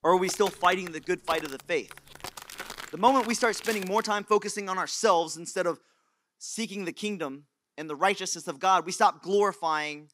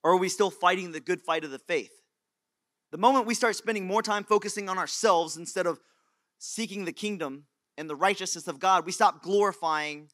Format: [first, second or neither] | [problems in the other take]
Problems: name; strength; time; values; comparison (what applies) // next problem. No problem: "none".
second | footsteps; faint; until 4 s; peak 10 dB below the speech